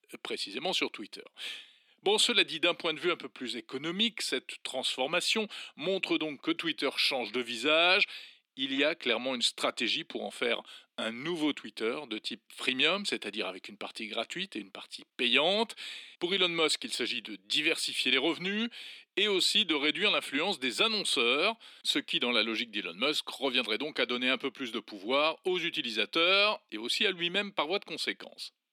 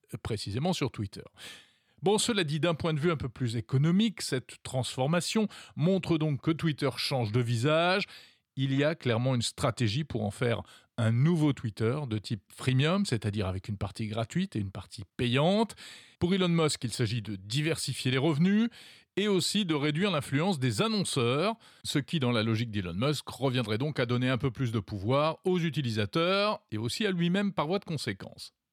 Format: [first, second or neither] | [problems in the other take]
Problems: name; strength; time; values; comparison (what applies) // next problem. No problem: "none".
second | thin; somewhat; fading below 250 Hz